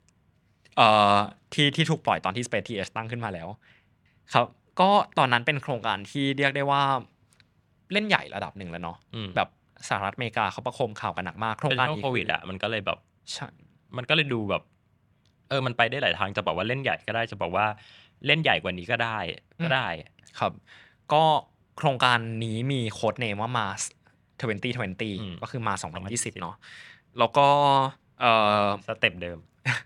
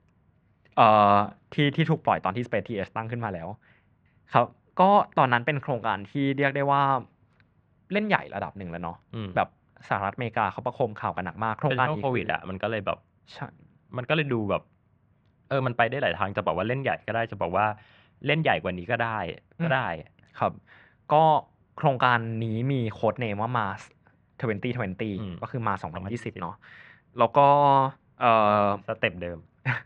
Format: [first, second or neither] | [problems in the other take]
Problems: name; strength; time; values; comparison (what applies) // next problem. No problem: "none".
first | muffled; very; fading above 2 kHz